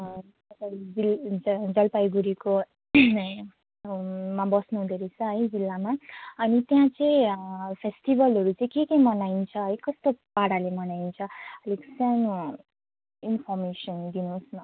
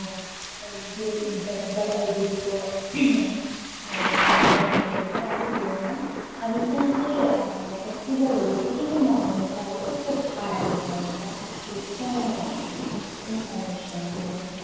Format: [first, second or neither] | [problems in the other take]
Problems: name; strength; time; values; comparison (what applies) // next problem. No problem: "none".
first | background sound (Thunder / Rain); 2 dB below the speech // room echo; dies away in 1.2 s